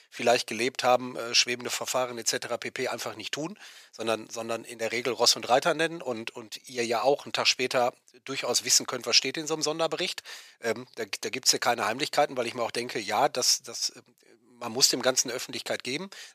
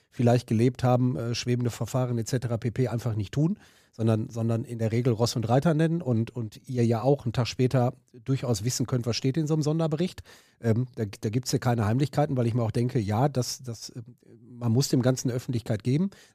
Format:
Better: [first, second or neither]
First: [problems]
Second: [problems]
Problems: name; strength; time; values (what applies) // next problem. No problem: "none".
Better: second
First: thin; very; fading below 650 Hz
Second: none